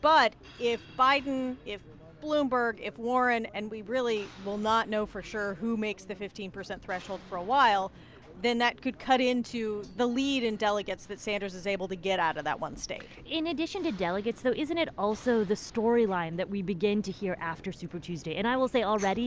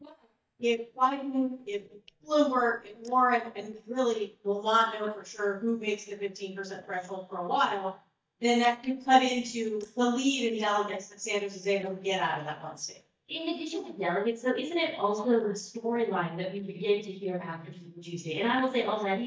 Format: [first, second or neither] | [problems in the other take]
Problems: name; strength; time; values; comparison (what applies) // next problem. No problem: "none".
first | noise reduction (neural mask model DeepFilterNet 3)